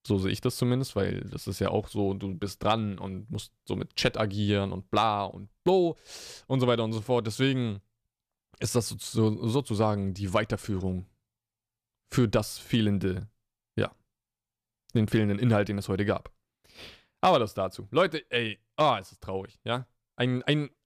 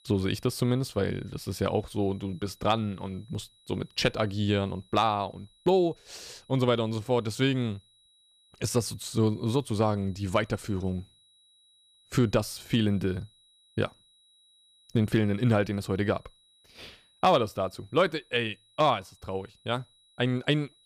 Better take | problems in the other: first | high-pitched whine; faint; throughout; 4 kHz, 30 dB below the speech

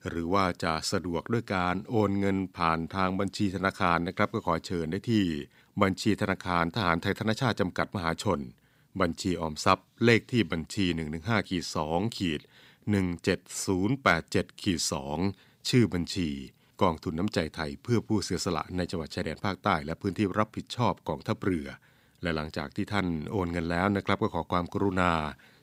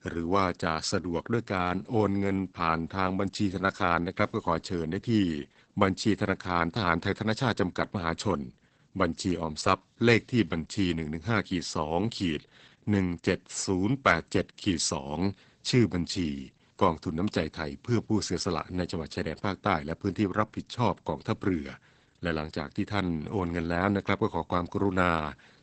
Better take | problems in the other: first | garbled, watery; badly; nothing above 8 kHz

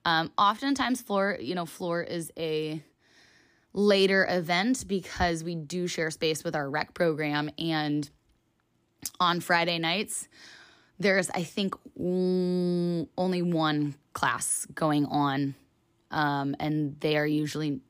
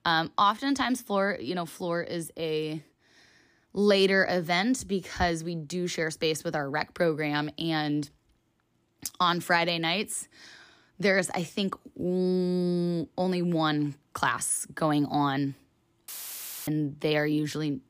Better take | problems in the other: first | audio cutting out; filled with static; at 16 s for 0.5 s

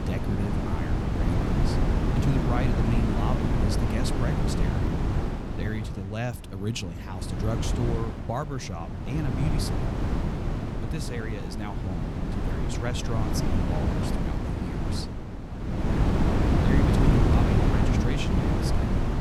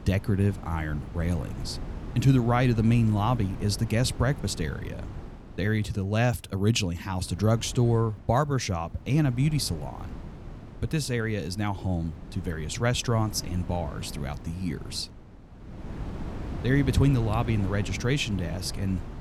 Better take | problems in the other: second | wind noise on the microphone; heavy; 4 dB above the speech; occasional gusts in the second

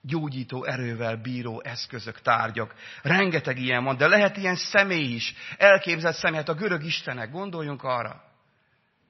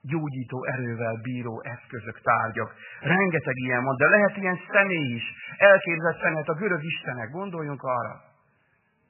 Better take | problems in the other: first | garbled, watery; badly; nothing above 3 kHz; slightly in the first

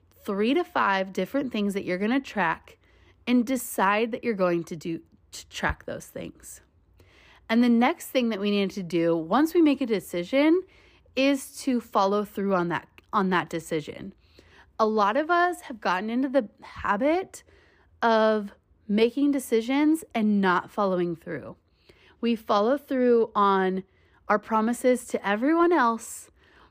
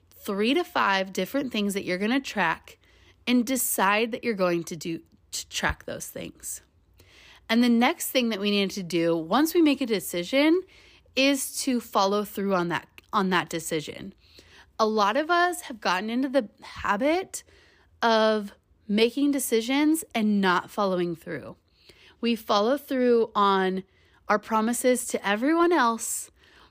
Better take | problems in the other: second | muffled; slightly; fading above 2.5 kHz

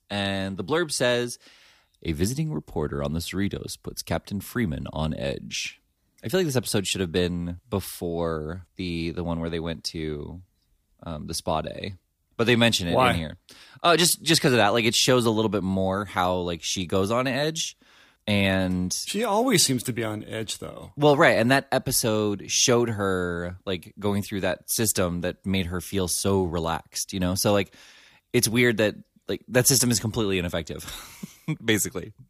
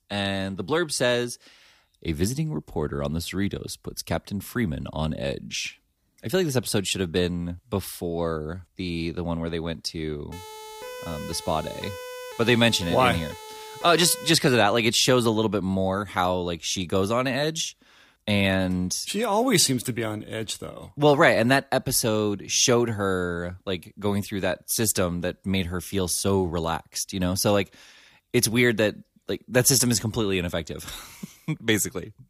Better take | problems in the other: first | siren; faint; from 10 to 14 s; peak 10 dB below the speech

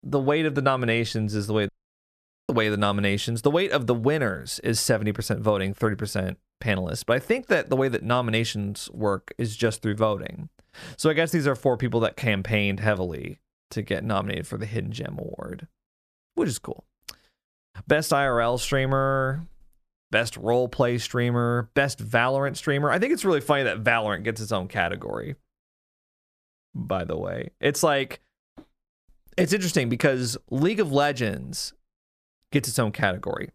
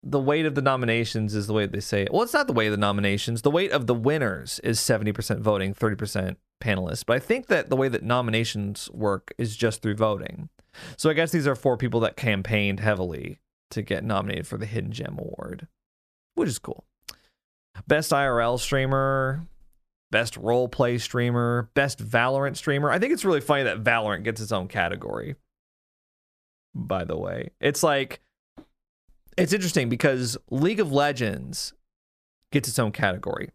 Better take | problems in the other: second | audio cutting out; at 1.5 s for 1 s

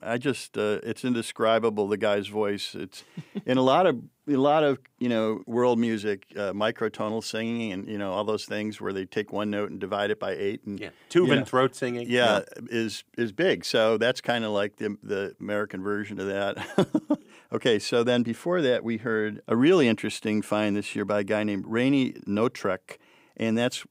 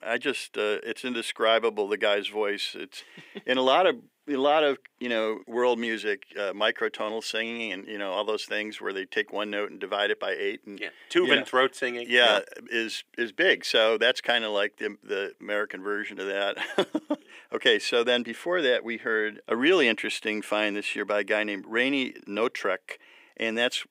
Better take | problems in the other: first | thin; somewhat; fading below 400 Hz

